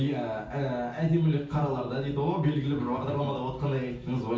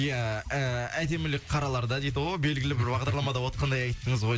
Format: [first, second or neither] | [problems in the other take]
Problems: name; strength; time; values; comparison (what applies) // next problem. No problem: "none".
second | room echo; dies away in 0.6 s